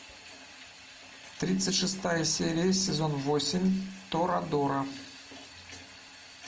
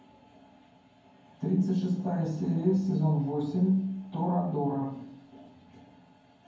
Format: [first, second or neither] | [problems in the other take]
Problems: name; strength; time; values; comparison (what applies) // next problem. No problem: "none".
first | room echo; dies away in 0.9 s